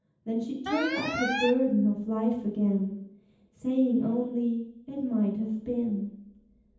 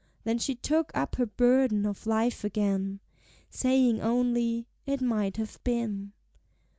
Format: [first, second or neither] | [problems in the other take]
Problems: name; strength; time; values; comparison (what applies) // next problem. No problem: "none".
second | background sound (Alarm); 6 dB below the speech // room echo; dies away in 0.8 s